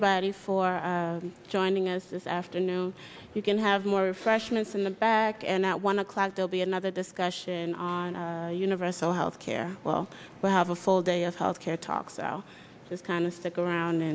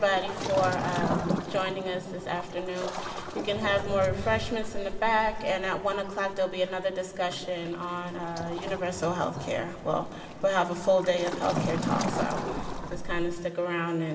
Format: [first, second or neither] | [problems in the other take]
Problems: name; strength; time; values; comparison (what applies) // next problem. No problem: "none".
first | background sound (Waves, surf); 5 dB below the speech // room echo; dies away in 2.3 s